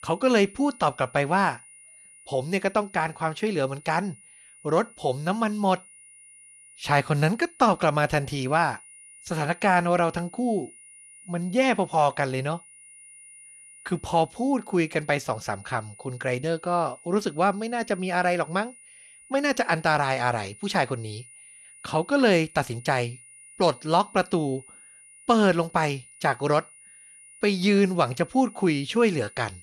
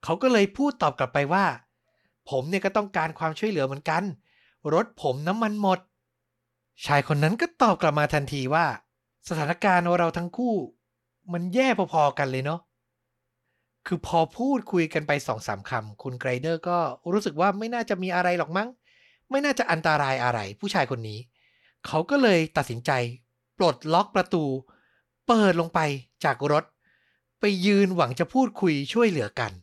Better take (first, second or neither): second